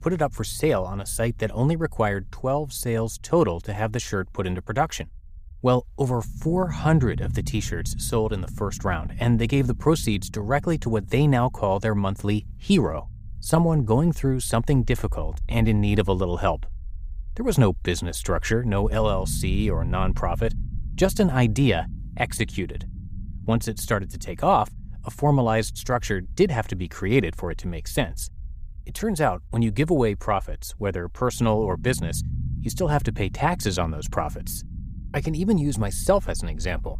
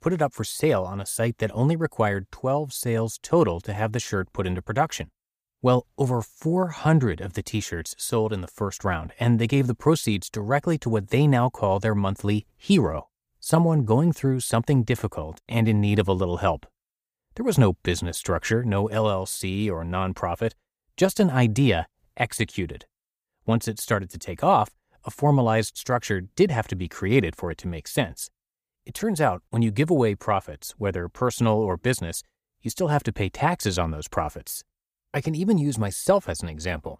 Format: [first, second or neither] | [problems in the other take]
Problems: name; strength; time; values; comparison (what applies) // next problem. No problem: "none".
second | low rumble; faint; throughout; 20 dB below the speech